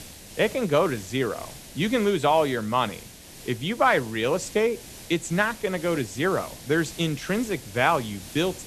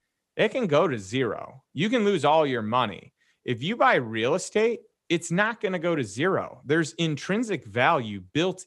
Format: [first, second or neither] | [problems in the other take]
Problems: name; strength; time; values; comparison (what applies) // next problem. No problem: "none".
second | hiss; noticeable; throughout; 15 dB below the speech